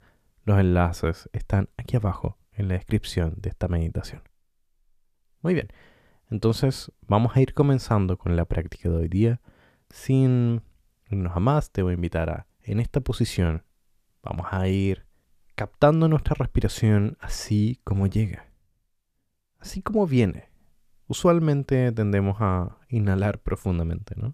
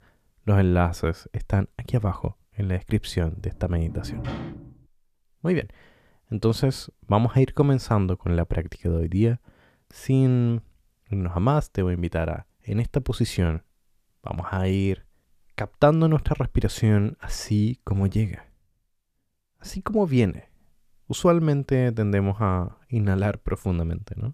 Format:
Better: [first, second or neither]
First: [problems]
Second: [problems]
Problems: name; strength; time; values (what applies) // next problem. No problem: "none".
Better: first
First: none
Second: door banging; noticeable; from 3.5 to 4.5 s; peak 8 dB below the speech